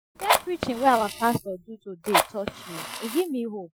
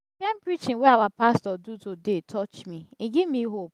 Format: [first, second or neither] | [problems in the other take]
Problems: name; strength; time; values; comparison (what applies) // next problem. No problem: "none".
second | noise reduction (classical method Wiener filter)